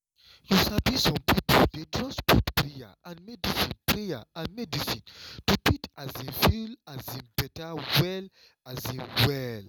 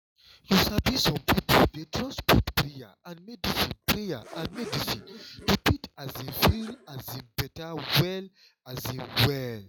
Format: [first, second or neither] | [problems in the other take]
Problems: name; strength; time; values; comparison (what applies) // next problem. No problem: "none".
first | noise reduction (classical method log-MMSE)